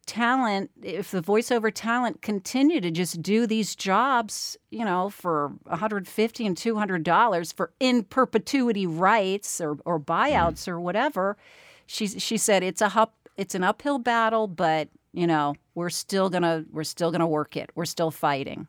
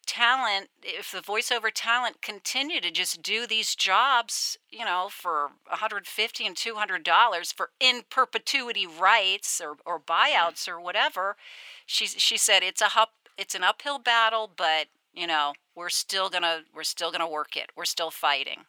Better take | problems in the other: first | thin; very; fading below 900 Hz

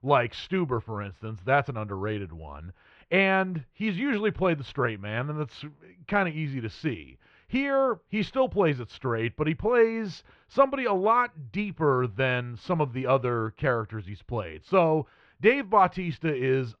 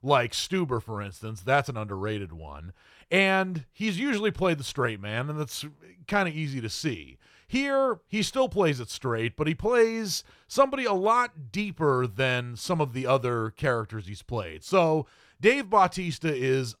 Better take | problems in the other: second | muffled; slightly; fading above 3 kHz

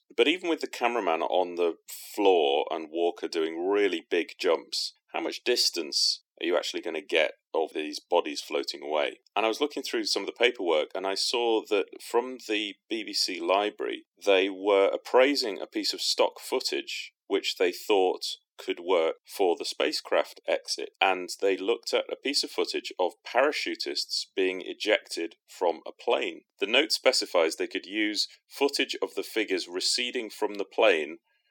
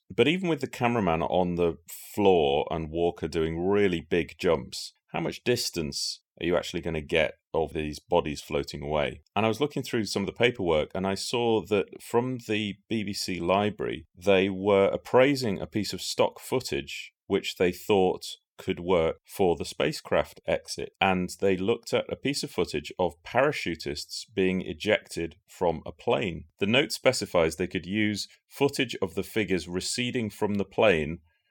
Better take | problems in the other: second | thin; somewhat; fading below 300 Hz

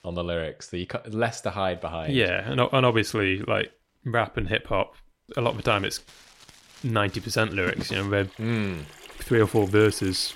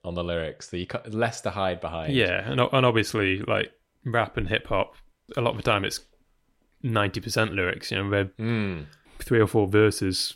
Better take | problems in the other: second | household noises; noticeable; throughout; 15 dB below the speech

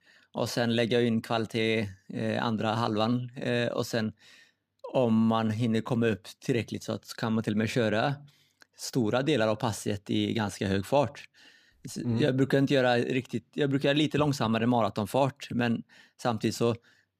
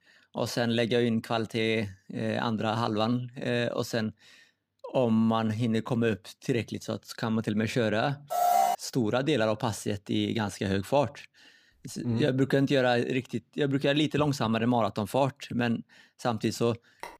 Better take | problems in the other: first | alarm; loud; at 8.5 s; peak 4 dB above the speech // phone ringing; faint; at 17 s; peak 15 dB below the speech

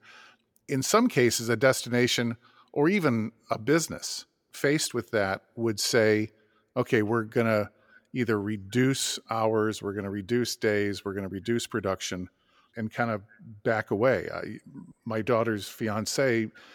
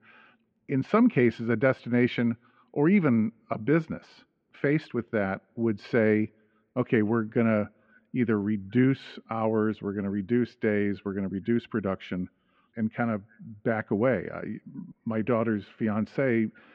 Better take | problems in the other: first | muffled; very; fading above 2.5 kHz

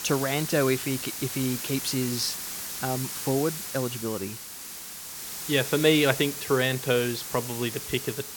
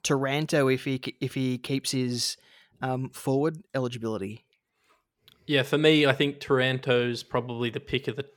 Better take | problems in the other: second | hiss; loud; throughout; 6 dB below the speech

